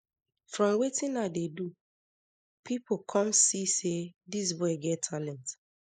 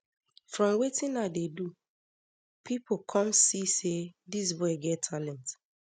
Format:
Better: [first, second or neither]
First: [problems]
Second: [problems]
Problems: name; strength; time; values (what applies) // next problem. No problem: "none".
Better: second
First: noise reduction (neural mask model Resemble Enhance denoiser)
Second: none